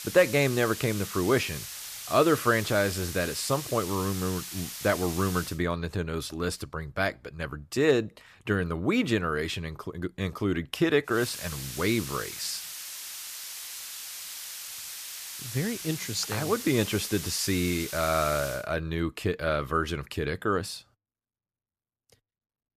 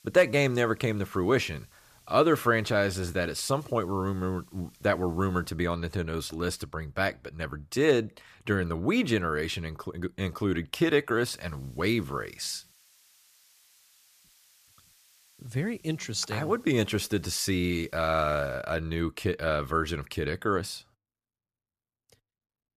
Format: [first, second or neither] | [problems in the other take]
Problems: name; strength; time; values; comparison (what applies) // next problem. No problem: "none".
second | hiss; loud; until 5.5 s and from 11 to 19 s; 8 dB below the speech; faint in the second